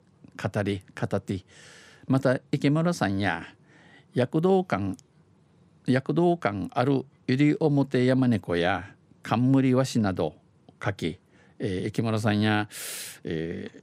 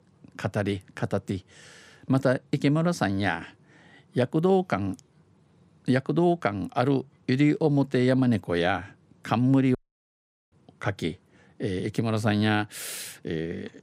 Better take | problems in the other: first | audio cutting out; at 10 s for 1 s

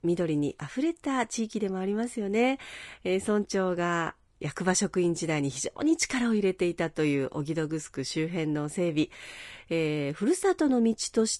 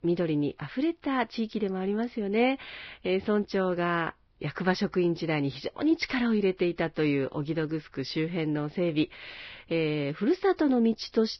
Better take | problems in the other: first | garbled, watery; badly; nothing above 5.5 kHz; slightly in the first

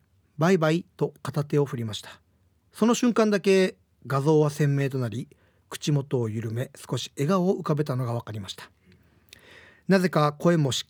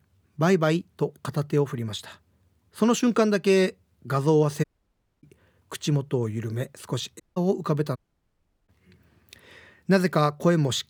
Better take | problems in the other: first | audio cutting out; at 4.5 s for 0.5 s, at 7 s and at 8 s for 0.5 s

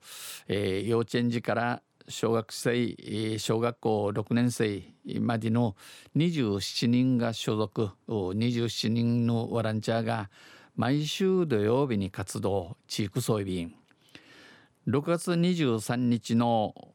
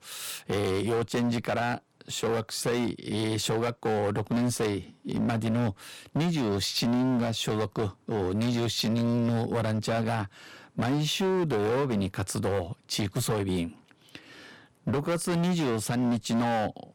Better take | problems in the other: first | distortion; heavy; 19% of the sound clipped

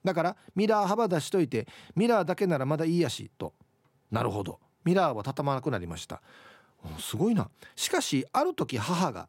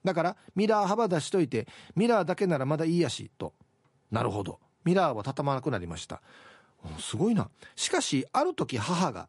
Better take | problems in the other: first | garbled, watery; slightly; nothing above 11 kHz

